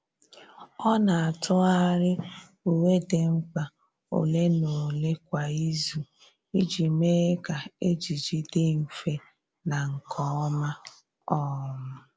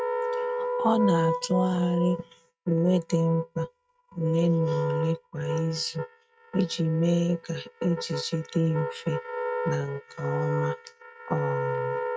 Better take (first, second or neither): first